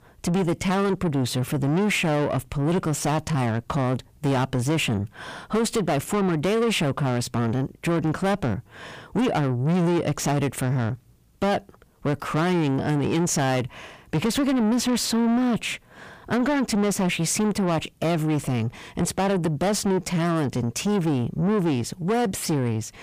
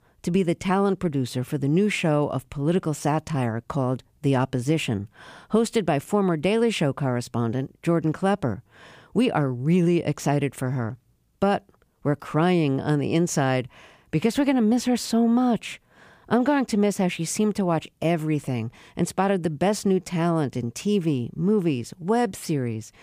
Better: second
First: distortion; heavy; 7 dB below the speech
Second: none

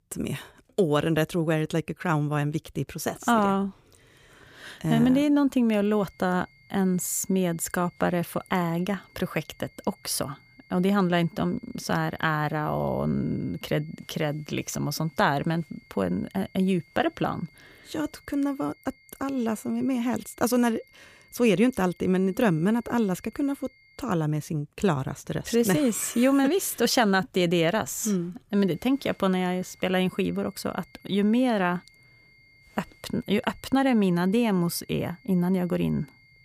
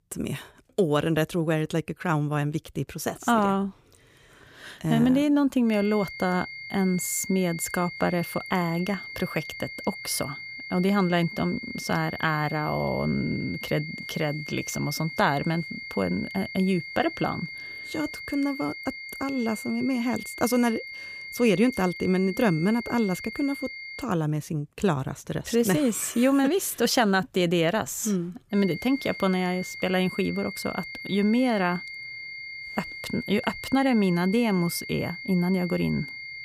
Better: first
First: high-pitched whine; faint; from 5.5 to 24 s and from 29 s on; 2 kHz, 30 dB below the speech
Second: high-pitched whine; loud; from 5.5 to 24 s and from 29 s on; 2 kHz, 10 dB below the speech

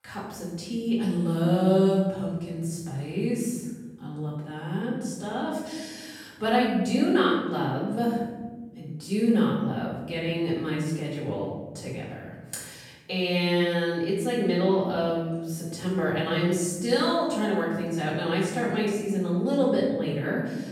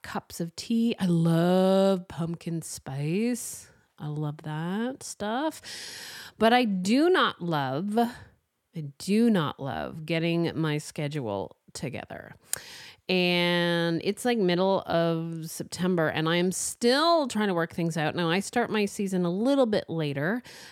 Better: second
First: off-mic speech; far // room echo; noticeable; dies away in 1.2 s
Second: none

